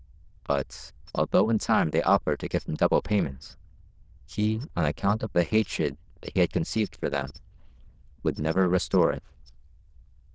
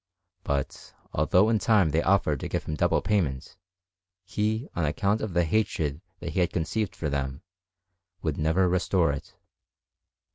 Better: second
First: noise reduction (neural diffusion model UNIVERSE++)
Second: none

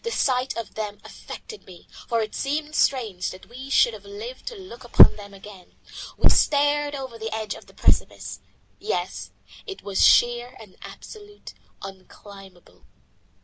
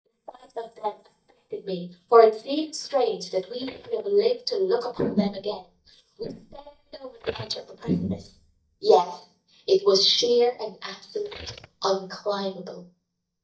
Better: first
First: none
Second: noise reduction (neural mask model DeepFilterNet 3)

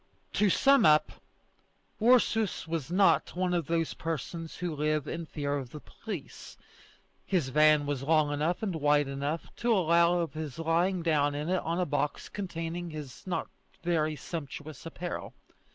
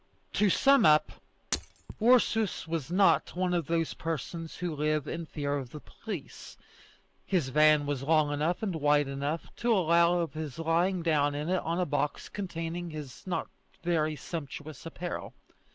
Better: first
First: none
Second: background sound (Shatter); 12 dB below the speech

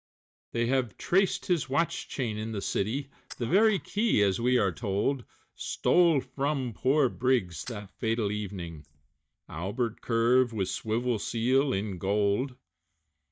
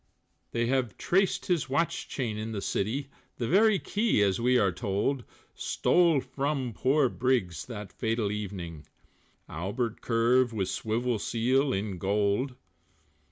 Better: second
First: noise reduction (neural mask model DeepFilterNet 3)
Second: none

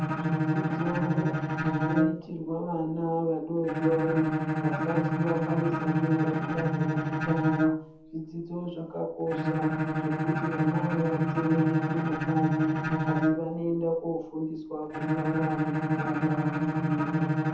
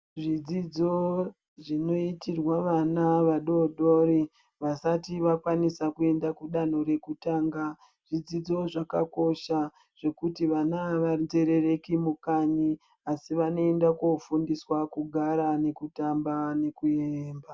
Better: second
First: background sound (Bowed string instrument); 3 dB above the speech // room echo; dies away in 0.6 s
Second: none

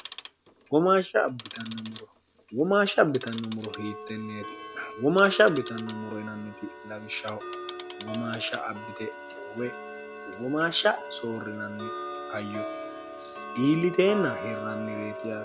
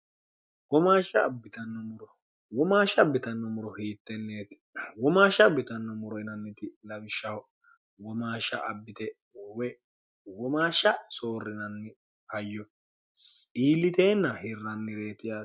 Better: second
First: background sound (Tick-tock); 11 dB below the speech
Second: none

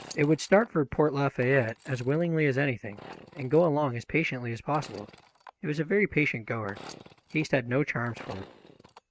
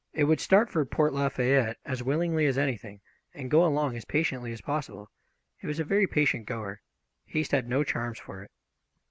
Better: second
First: noise reduction (neural mask model RNNoise)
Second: none

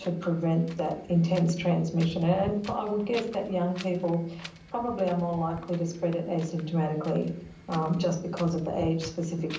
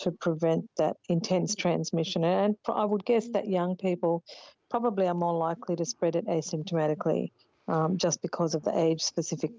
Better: second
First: background sound (Wind); 17 dB below the speech // room echo; dies away in 0.6 s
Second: none

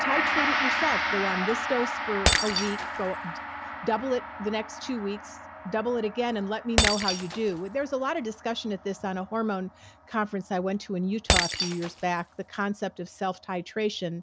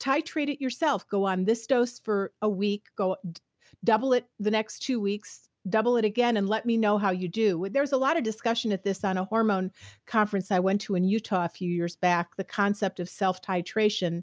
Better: second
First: background sound (Shatter + Gong); as loud as the speech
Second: none

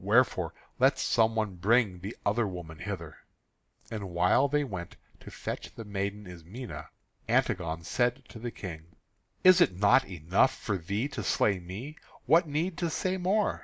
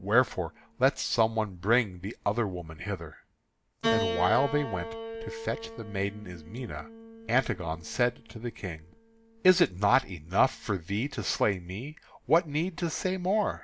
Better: first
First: none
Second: background sound (Piano); 11 dB below the speech

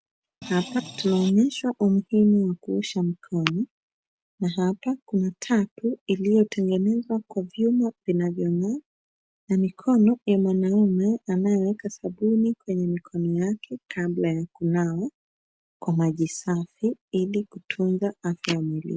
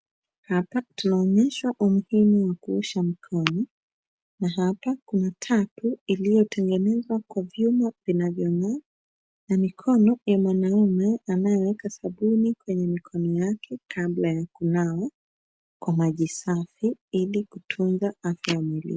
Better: second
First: background sound (Screech); 15 dB below the speech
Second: none

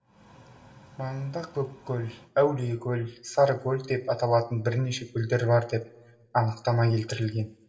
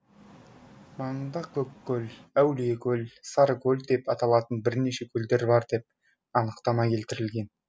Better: second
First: room echo; dies away in 0.7 s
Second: none

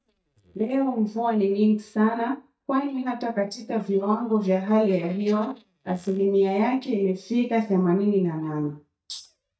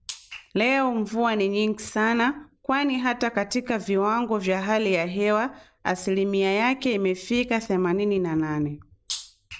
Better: second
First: noise reduction (neural mask model DeepFilterNet 3)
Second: none

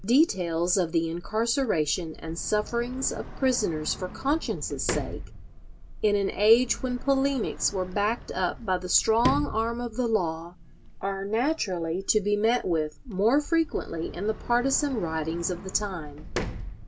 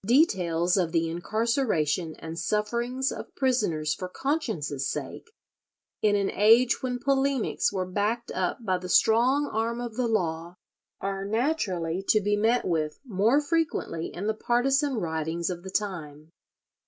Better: second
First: background sound (Sliding door); 11 dB below the speech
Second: none

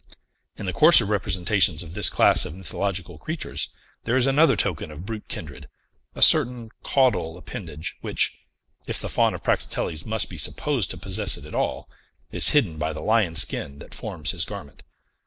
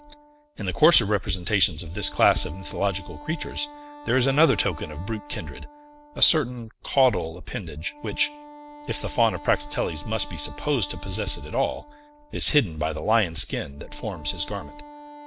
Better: first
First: none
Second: background sound (Wind instrument, woodwind instrument); 18 dB below the speech

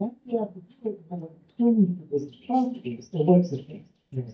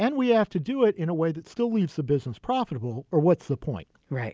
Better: second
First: noise reduction (neural mask model DeepFilterNet 3)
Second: none

